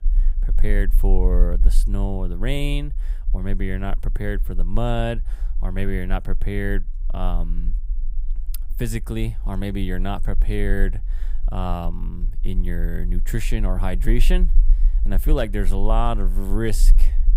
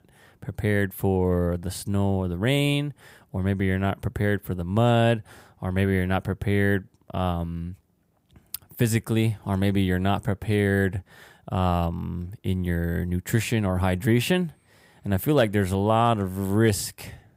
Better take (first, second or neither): second